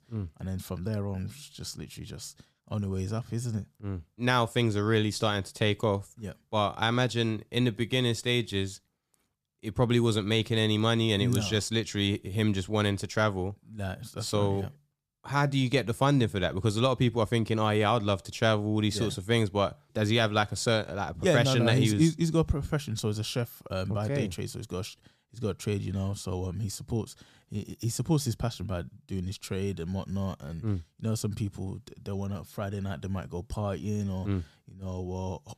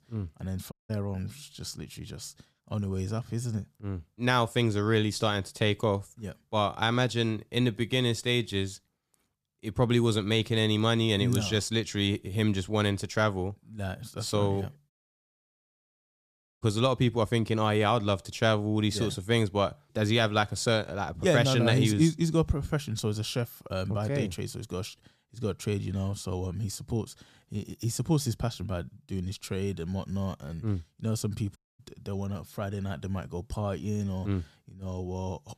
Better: first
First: none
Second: audio cutting out; at 0.5 s, at 15 s for 1.5 s and at 32 s

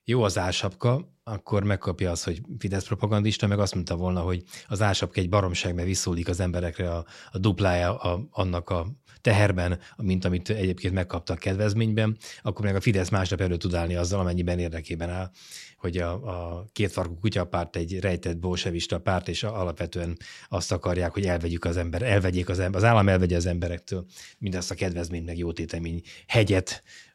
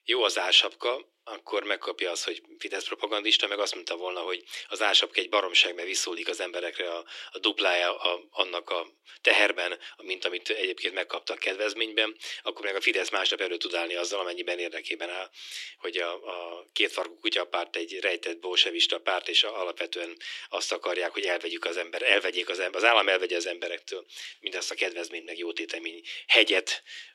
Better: first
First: none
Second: thin; very; fading below 300 Hz

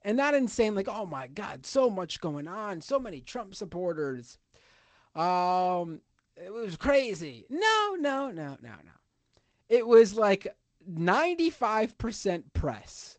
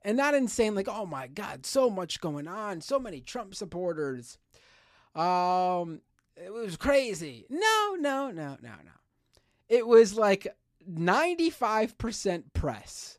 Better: second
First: garbled, watery; slightly; nothing above 8 kHz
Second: none

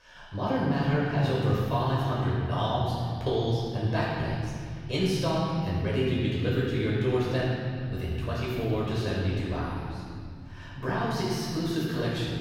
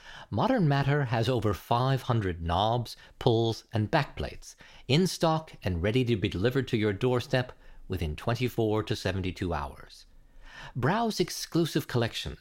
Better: second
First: off-mic speech; far // room echo; strong; dies away in 2.6 s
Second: none

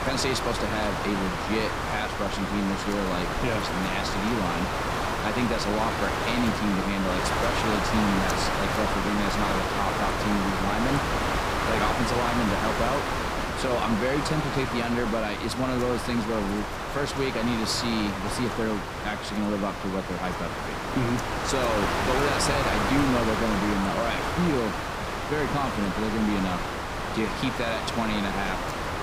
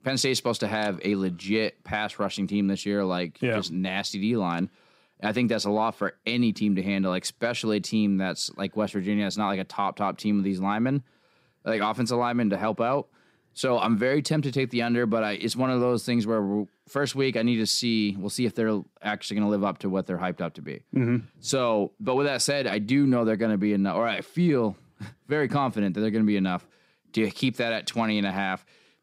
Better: second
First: wind noise on the microphone; heavy; 3 dB above the speech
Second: none

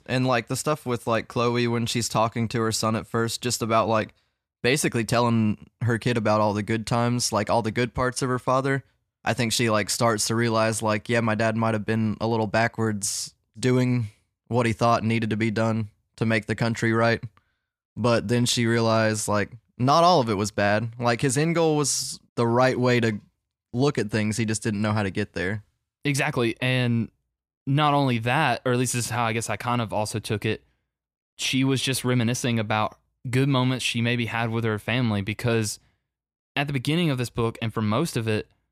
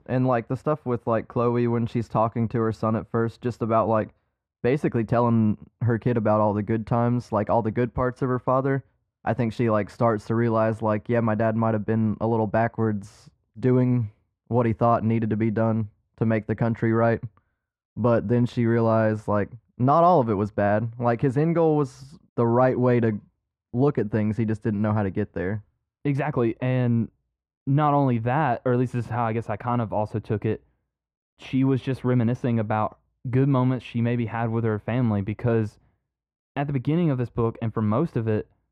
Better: first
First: none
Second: muffled; very; fading above 2.5 kHz

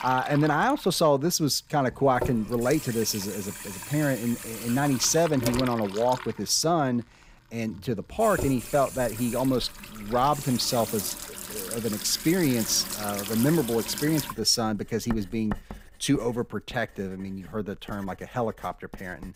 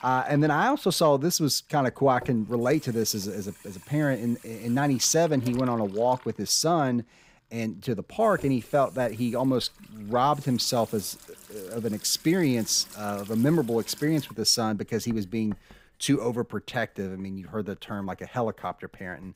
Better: second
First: household noises; loud; throughout; 9 dB below the speech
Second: household noises; faint; throughout; 20 dB below the speech

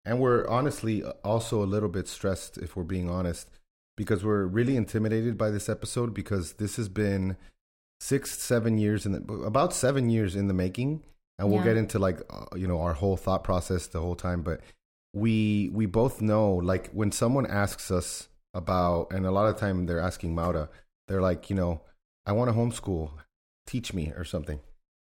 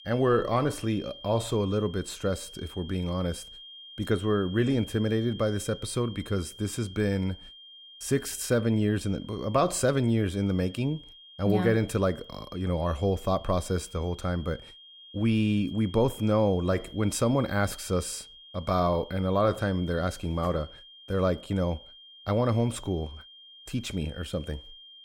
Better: first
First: none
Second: high-pitched whine; noticeable; throughout; 3 kHz, 20 dB below the speech

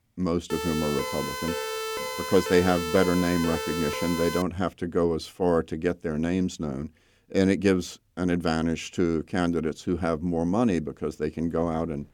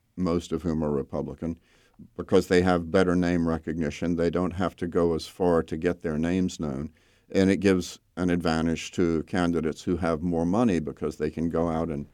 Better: second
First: siren; noticeable; until 4.5 s; peak 4 dB below the speech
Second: none

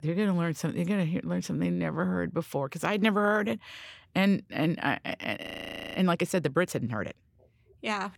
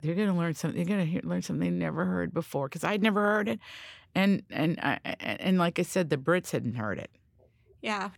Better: second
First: audio freezing; at 5.5 s for 0.5 s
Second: none

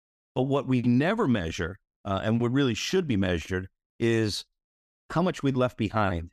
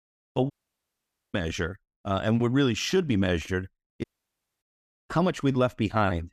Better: first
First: none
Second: audio cutting out; at 0.5 s for 1 s and at 4 s for 0.5 s

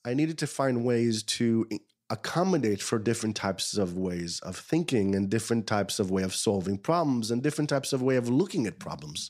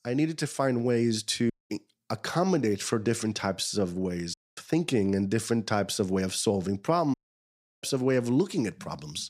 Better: first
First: none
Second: audio cutting out; at 1.5 s, at 4.5 s and at 7 s for 0.5 s

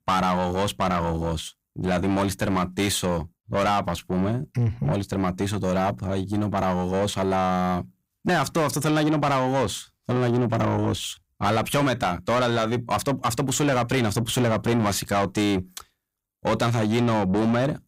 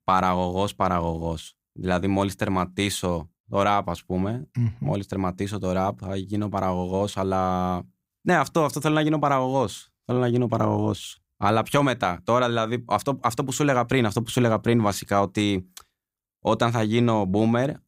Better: second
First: distortion; heavy; 7 dB below the speech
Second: none

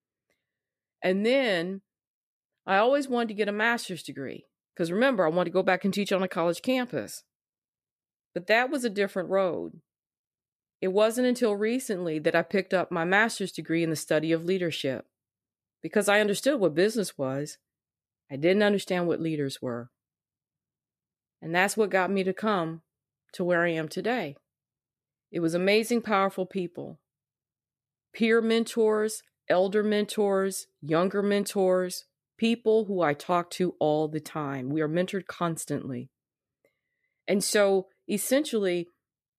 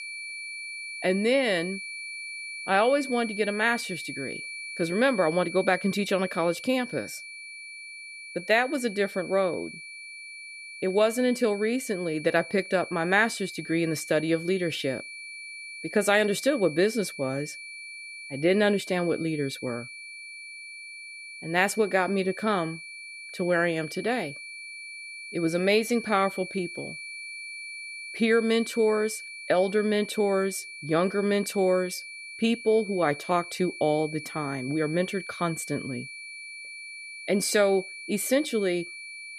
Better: first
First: none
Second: high-pitched whine; noticeable; throughout; 2.5 kHz, 10 dB below the speech

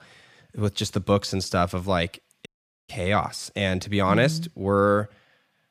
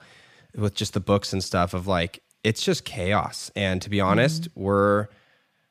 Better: second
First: audio cutting out; at 2.5 s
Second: none

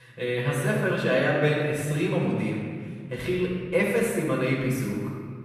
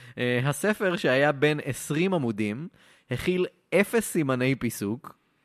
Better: second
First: off-mic speech; far // room echo; noticeable; dies away in 1.7 s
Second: none

